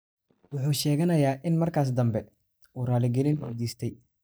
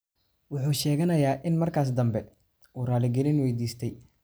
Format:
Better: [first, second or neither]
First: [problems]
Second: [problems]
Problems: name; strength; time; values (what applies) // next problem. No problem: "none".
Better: second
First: noise reduction (neural mask model DeepFilterNet 3)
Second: none